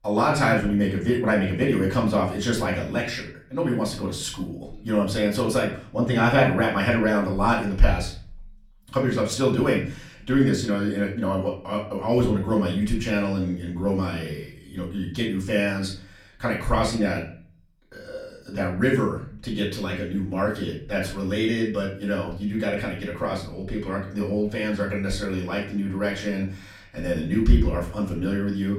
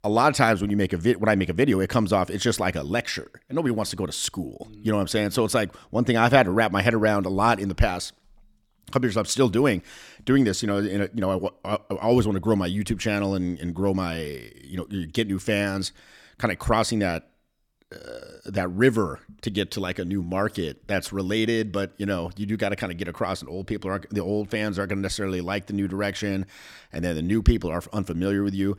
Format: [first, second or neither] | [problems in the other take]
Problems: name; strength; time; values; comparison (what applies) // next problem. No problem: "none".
second | off-mic speech; far // room echo; slight; dies away in 0.4 s